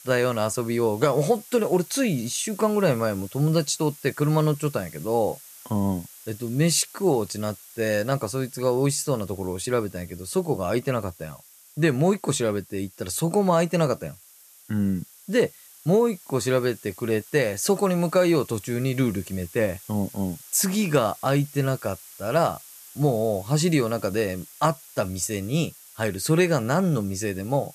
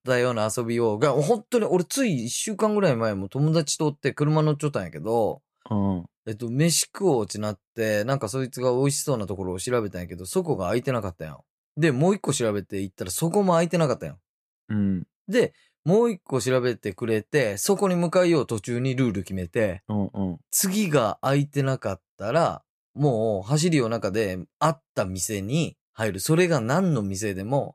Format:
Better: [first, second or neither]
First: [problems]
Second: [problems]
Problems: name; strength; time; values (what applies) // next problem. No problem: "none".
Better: second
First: hiss; noticeable; throughout; 20 dB below the speech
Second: none